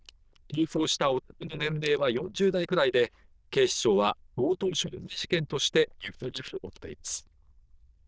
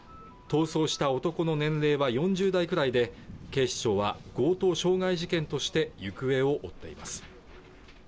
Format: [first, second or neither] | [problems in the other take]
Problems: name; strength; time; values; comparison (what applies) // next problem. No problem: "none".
second | noise reduction (neural diffusion model UNIVERSE++)